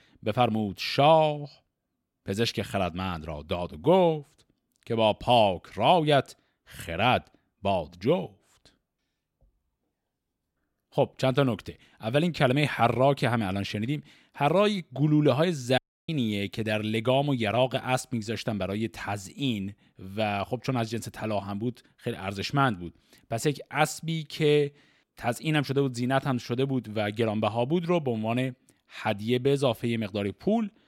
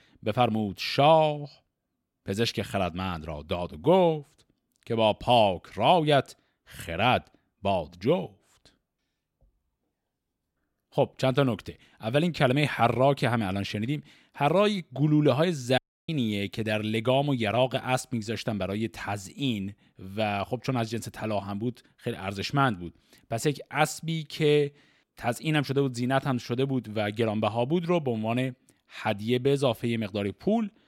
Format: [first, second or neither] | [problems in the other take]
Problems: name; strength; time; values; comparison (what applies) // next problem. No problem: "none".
neither | audio cutting out; at 16 s; the same in both